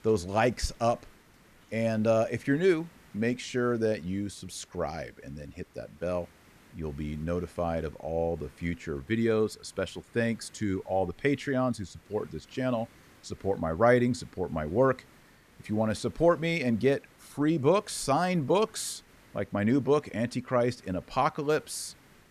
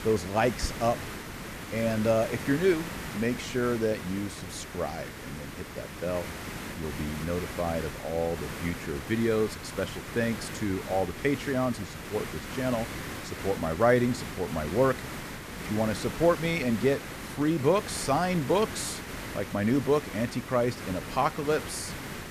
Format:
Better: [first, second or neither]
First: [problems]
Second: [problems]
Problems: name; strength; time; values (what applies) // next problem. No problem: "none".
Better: first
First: hiss; faint; throughout; 30 dB below the speech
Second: hiss; loud; throughout; 9 dB below the speech